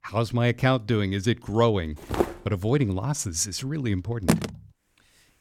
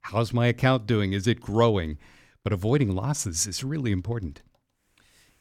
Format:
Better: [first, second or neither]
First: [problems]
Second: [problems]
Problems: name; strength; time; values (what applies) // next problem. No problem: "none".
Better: second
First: footsteps; noticeable; at 2 s; peak 2 dB below the speech // phone ringing; loud; at 4.5 s; peak level with the speech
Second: none